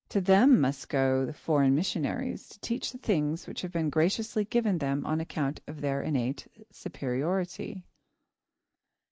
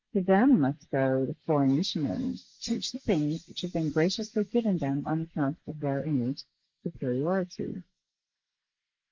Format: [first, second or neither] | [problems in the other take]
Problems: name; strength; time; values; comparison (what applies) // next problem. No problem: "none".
first | noise reduction (neural mask model Resemble Enhance denoiser)